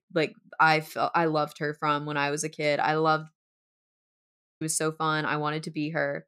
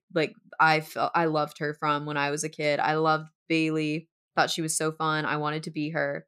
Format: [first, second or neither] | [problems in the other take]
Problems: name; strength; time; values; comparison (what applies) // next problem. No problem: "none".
second | audio cutting out; at 3.5 s for 1 s